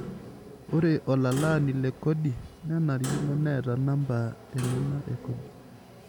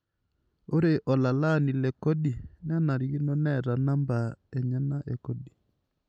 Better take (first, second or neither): second